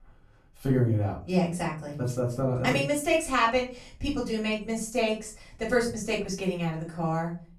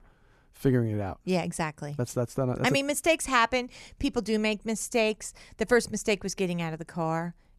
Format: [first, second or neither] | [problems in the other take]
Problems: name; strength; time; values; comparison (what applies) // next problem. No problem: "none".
second | off-mic speech; far // room echo; slight; dies away in 0.3 s